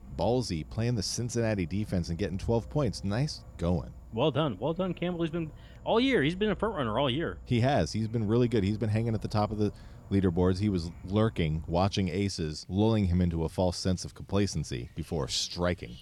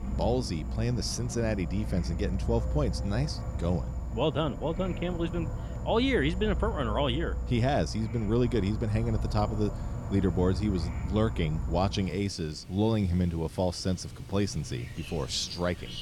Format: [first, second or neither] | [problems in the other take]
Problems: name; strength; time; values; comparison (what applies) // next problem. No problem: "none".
first | animal sounds; loud; throughout; 6 dB below the speech; faint in the first